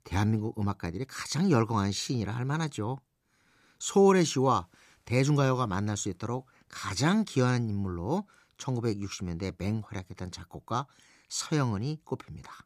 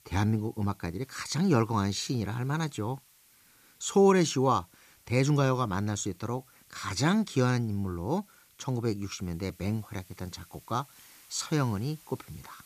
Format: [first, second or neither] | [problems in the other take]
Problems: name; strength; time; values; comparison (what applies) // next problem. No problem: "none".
first | hiss; faint; throughout; 25 dB below the speech